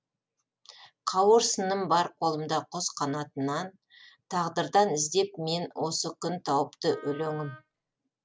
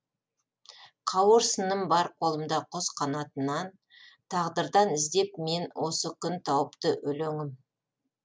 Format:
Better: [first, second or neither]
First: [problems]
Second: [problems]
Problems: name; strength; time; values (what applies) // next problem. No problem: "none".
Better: second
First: background sound (Wind instrument, woodwind instrument); 20 dB below the speech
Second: none